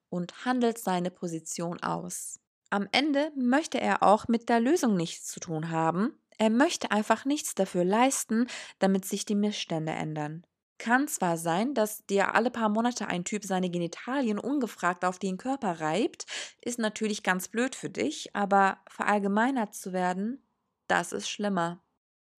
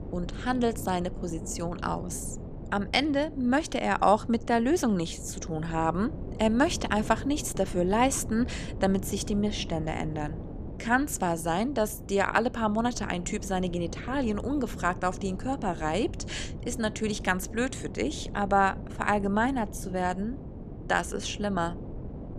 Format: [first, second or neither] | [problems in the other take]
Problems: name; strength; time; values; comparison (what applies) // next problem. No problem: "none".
first | wind noise on the microphone; occasional gusts; 15 dB below the speech